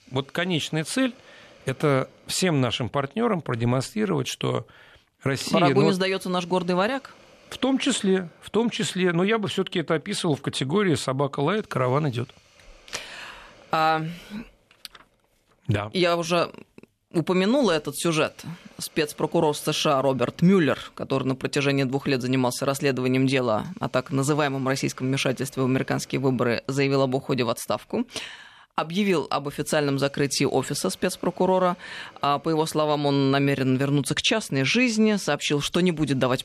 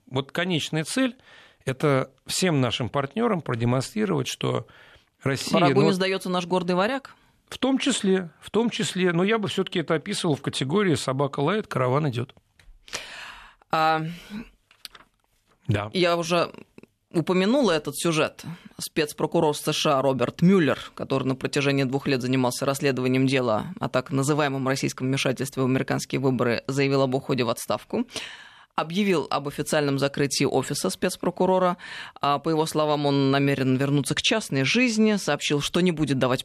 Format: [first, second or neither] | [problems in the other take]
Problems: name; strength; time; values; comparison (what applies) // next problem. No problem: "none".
second | hiss; faint; throughout; 30 dB below the speech